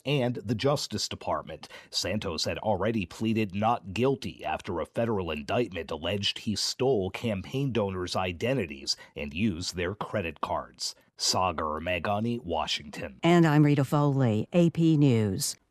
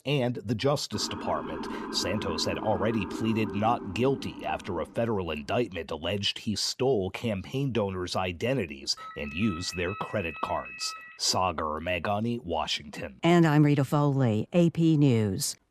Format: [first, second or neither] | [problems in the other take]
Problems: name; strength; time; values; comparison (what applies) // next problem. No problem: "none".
first | siren; noticeable; from 1 to 5 s; peak 7 dB below the speech // phone ringing; faint; from 9 to 11 s; peak 10 dB below the speech